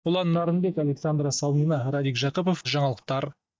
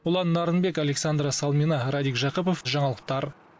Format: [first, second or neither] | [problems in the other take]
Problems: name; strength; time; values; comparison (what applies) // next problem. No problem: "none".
second | noise reduction (neural mask model DeepFilterNet 3)